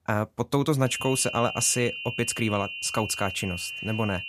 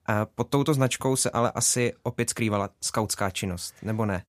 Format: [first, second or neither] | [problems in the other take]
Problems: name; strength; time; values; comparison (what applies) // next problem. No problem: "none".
second | high-pitched whine; loud; from 1 s on; 3 kHz, 7 dB below the speech